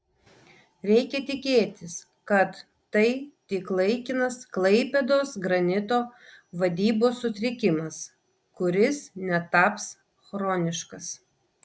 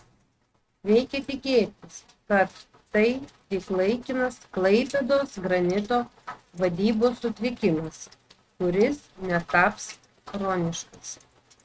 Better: first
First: none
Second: noise reduction (neural mask model RNNoise)

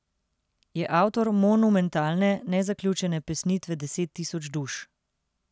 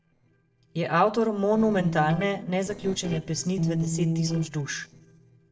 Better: first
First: none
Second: noise reduction (neural separator model SepFormer DNS4)

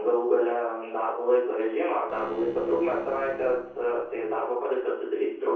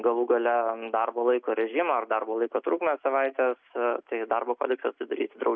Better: second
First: noise reduction (neural separator model SepFormer DNS4)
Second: none

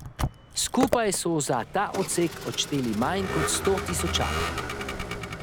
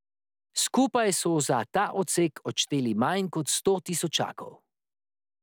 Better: second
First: background sound (Vehicle); 4 dB below the speech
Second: none

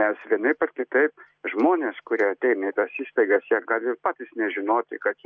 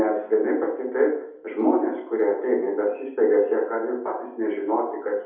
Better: first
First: none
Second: room echo; dies away in 0.8 s

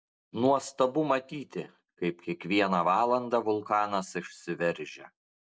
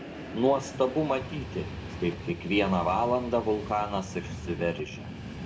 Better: first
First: none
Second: background sound (Train); 9 dB below the speech // room echo; dies away in 0.5 s

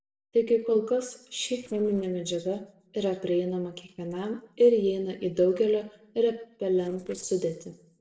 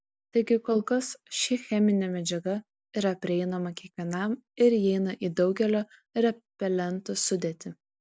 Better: second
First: noise reduction (neural separator model SepFormer DNS4)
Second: none

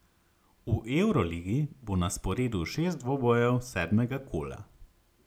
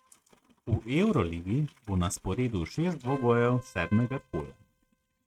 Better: first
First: none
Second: noise reduction (neural mask model RNNoise)

